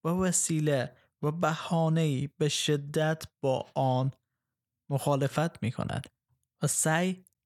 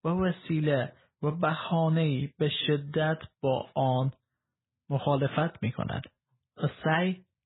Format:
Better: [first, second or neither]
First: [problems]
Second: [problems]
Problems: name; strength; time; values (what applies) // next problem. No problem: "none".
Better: first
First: none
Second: garbled, watery; badly; nothing above 4 kHz